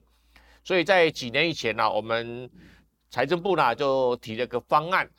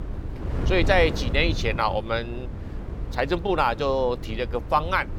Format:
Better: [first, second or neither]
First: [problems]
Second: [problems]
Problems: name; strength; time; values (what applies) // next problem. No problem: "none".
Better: first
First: none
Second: wind noise on the microphone; occasional gusts; 15 dB below the speech